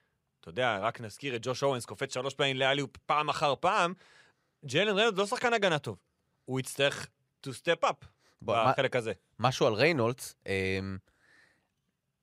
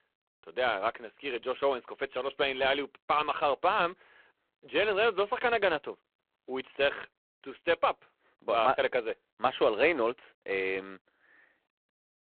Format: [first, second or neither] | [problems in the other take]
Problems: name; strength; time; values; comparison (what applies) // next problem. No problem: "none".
first | phone-call audio; poor line